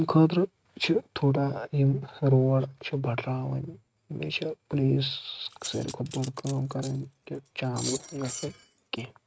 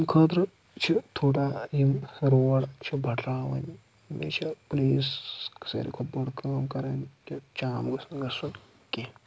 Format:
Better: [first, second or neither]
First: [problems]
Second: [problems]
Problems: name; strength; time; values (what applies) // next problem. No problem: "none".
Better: second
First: noise reduction (neural mask model RNNoise)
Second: none